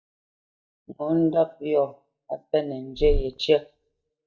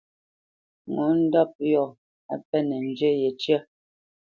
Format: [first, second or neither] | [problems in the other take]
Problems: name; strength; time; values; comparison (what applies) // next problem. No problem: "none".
second | noise reduction (neural mask model DeepFilterNet 3)